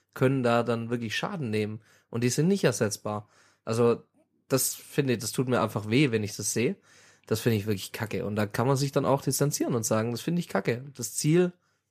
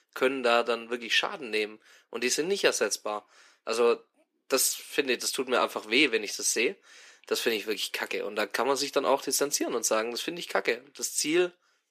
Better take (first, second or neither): first